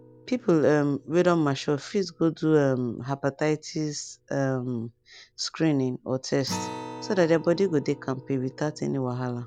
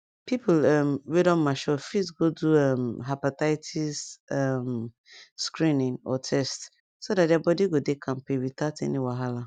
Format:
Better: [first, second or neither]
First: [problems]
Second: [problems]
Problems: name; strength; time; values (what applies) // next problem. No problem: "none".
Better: second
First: background sound (Acoustic guitar); 18 dB below the speech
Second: none